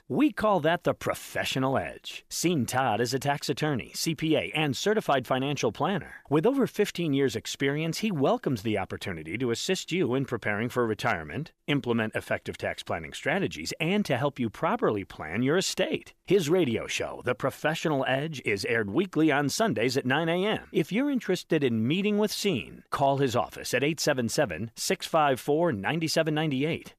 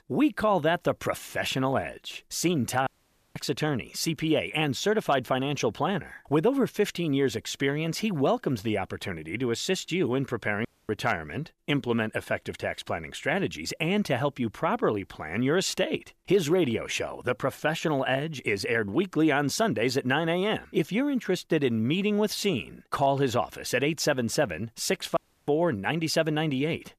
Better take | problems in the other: first | audio cutting out; at 3 s, at 11 s and at 25 s

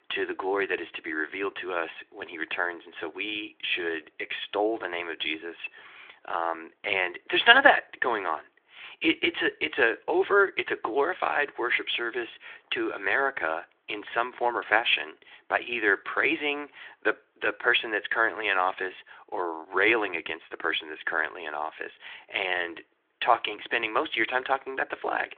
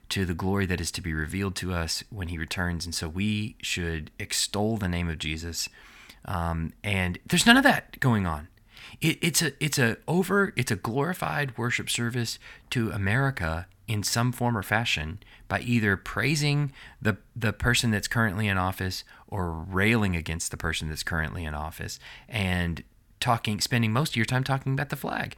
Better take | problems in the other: second | phone-call audio; nothing above 3.5 kHz

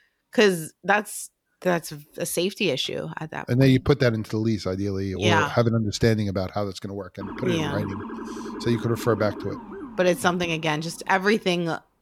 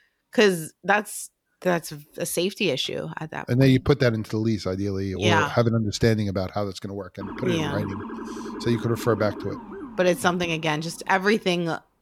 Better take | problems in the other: neither | siren; faint; from 7 to 11 s; peak 10 dB below the speech; the same in both

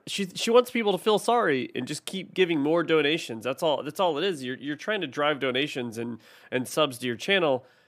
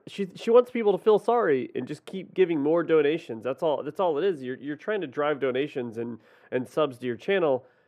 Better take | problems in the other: first | muffled; slightly; fading above 2.5 kHz

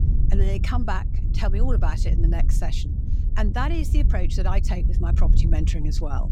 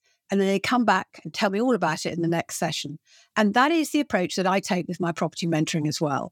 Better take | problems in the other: second | wind noise on the microphone; heavy; 8 dB below the speech

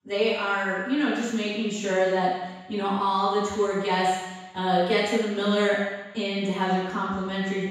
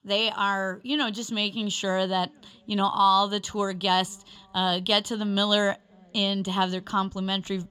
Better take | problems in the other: second | room echo; strong; dies away in 1.1 s; slight in the second // off-mic speech; far

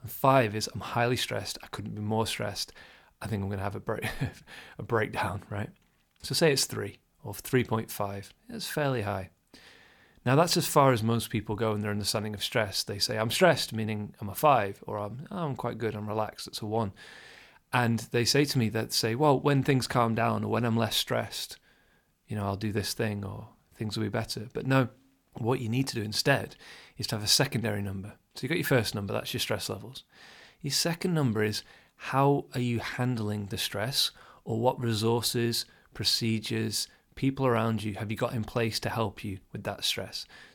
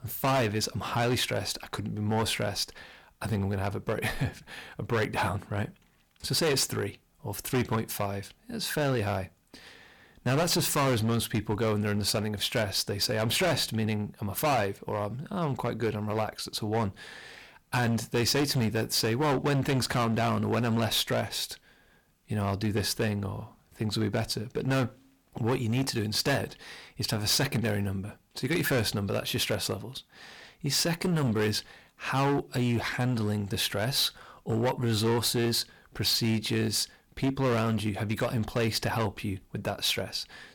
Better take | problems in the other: first | distortion; heavy; 10% of the sound clipped

